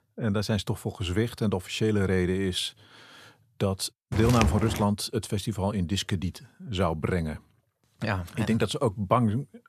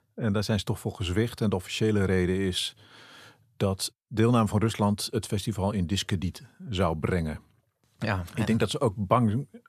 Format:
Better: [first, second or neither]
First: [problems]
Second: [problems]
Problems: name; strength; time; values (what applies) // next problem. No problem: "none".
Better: second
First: footsteps; loud; at 4 s; peak level with the speech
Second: none